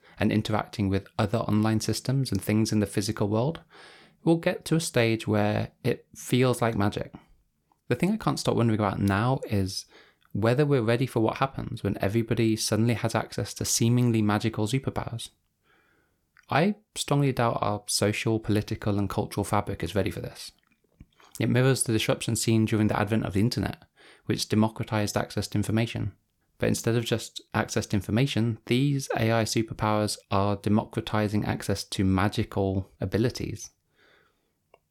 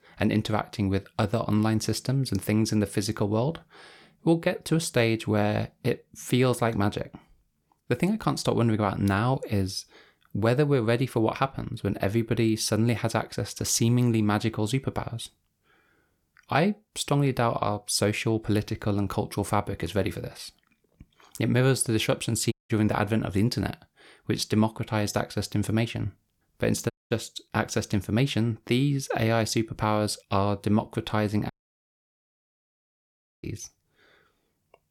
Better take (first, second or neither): first